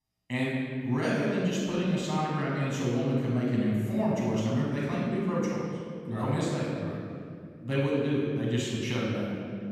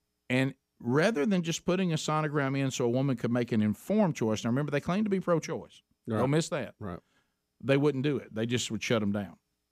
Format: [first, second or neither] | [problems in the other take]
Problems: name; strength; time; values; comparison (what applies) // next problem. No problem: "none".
second | room echo; strong; dies away in 2.1 s // off-mic speech; far